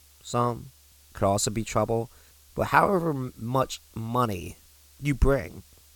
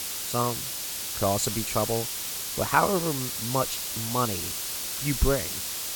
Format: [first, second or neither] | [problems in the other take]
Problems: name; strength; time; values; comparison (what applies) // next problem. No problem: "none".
first | hiss; loud; throughout; 1 dB below the speech; faint in the first